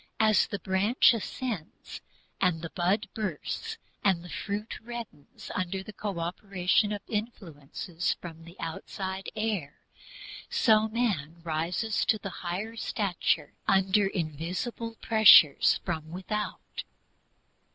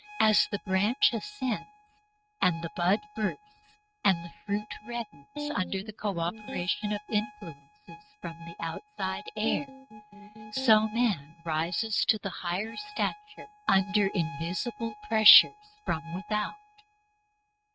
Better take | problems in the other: first | noise reduction (neural mask model RNNoise)

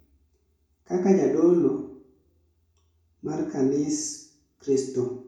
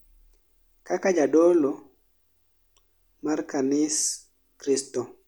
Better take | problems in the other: second | room echo; dies away in 0.6 s

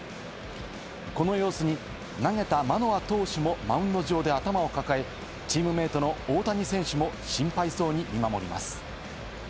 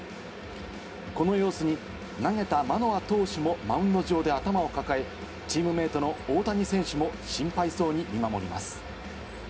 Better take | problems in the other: first | room echo; dies away in 0.3 s

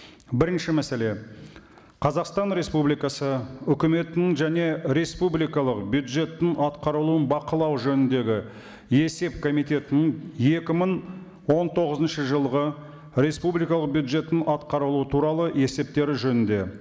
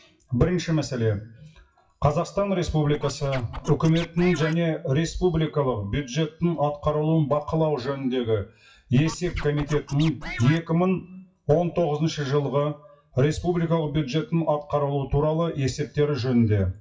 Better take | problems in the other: first | noise reduction (classical method WPE with log-MMSE)

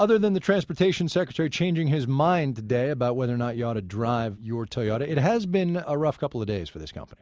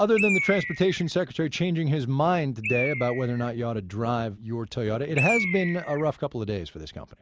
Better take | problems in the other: first | background sound (Bird); 8 dB below the speech

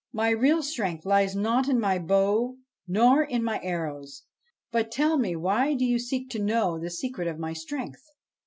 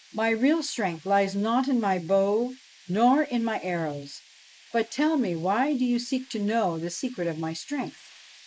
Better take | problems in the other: first | noise reduction (neural mask model Resemble Enhance denoiser)

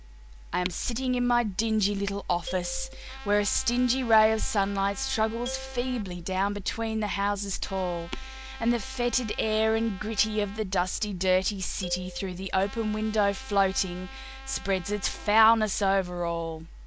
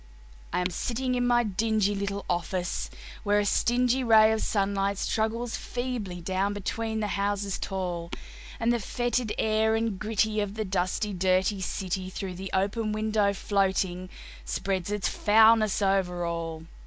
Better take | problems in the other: second | background sound (Marimba, xylophone + Trumpet); 18 dB below the speech

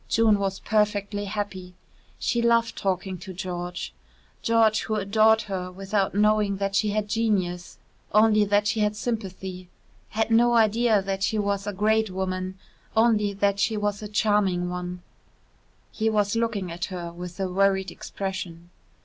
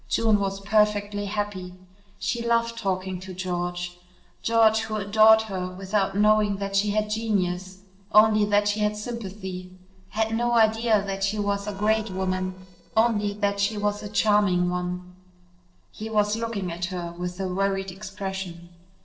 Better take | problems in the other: first | noise reduction (neural separator model SepFormer DNS4)

